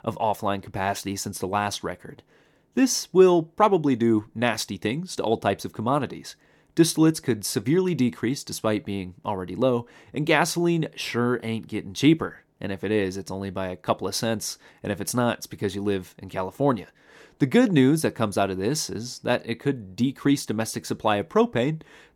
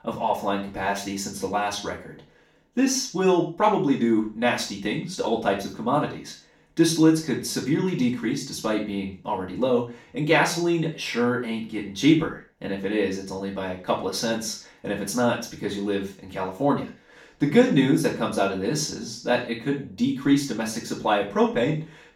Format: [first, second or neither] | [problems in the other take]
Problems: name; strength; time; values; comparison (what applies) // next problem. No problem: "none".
first | room echo; slight; dies away in 0.4 s // off-mic speech; far